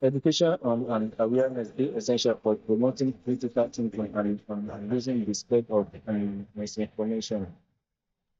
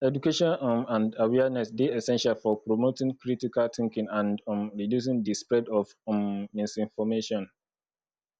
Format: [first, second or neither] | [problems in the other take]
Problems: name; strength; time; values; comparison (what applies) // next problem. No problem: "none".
second | noise reduction (neural mask model DeepFilterNet 3)